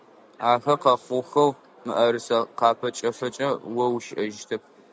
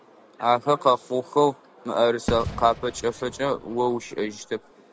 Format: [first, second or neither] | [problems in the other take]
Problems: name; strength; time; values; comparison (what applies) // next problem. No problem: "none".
first | background sound (Fireworks); 12 dB below the speech